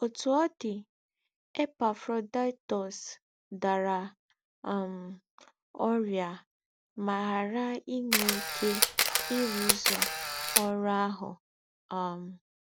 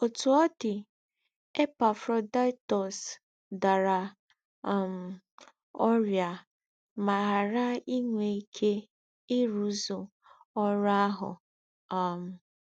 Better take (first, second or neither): second